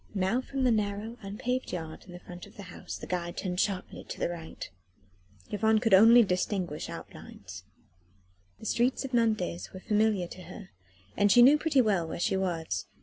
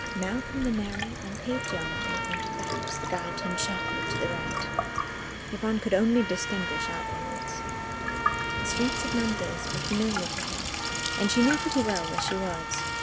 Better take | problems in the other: first | background sound (Sink (filling or washing) / Water tap, faucet + Trumpet); as loud as the speech

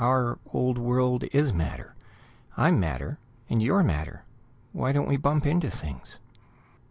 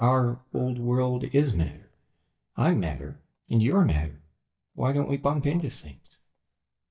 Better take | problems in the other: first | noise reduction (neural mask model DeepFilterNet 3)

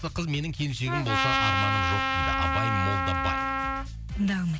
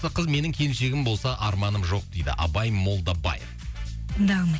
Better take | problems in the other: second | background sound (Trumpet); 2 dB above the speech

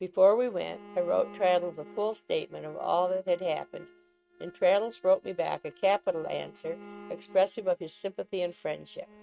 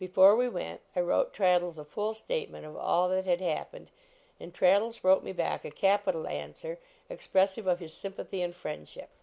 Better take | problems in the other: second | noise reduction (neural mask model RNNoise)

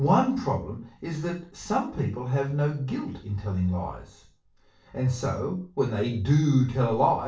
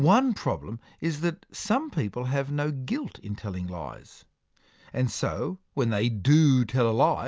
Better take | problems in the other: second | room echo; dies away in 0.4 s

